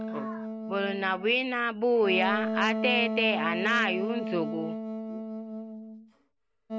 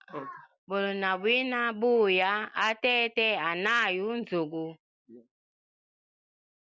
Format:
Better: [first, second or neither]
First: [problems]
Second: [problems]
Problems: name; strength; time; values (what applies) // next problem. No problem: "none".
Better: second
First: background sound (Wind instrument, woodwind instrument); 4 dB below the speech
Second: none